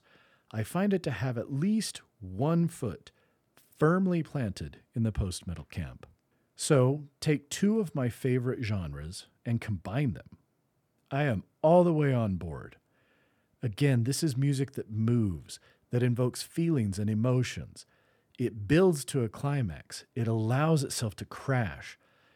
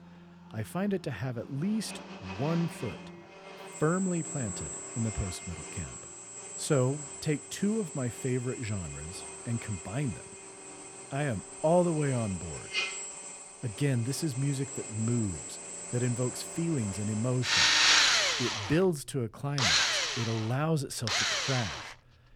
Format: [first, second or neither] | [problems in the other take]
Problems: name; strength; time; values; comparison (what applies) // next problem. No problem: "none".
first | machinery noise; very loud; throughout; 1 dB above the speech